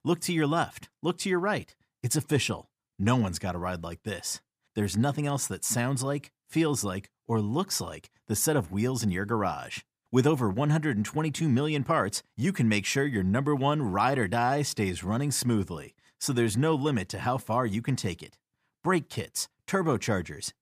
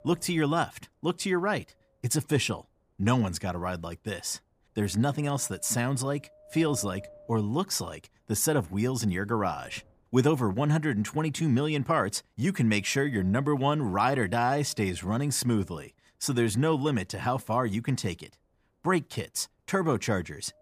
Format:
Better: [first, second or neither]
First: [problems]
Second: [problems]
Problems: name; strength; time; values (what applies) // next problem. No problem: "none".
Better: first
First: none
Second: wind noise on the microphone; occasional gusts; 25 dB below the speech